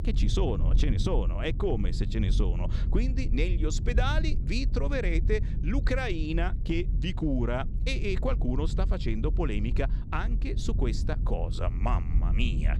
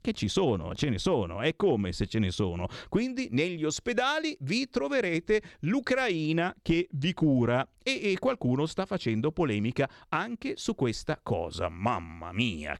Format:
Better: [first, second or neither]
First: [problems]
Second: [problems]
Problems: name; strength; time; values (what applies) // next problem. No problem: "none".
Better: second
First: low rumble; noticeable; throughout; 10 dB below the speech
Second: none